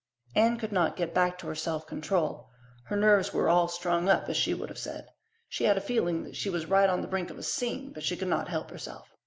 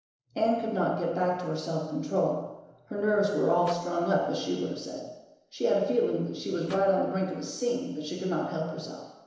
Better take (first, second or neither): first